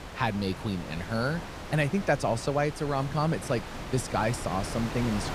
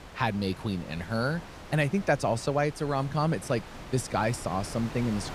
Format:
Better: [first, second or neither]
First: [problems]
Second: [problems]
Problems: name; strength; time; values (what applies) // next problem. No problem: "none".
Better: second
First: wind noise on the microphone; heavy; 9 dB below the speech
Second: wind noise on the microphone; occasional gusts; 15 dB below the speech